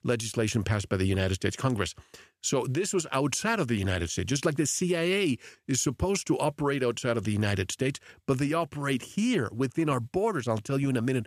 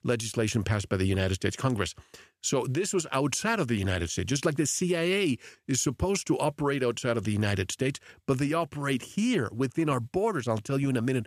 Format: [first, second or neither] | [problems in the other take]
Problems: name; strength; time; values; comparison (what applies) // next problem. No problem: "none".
neither | none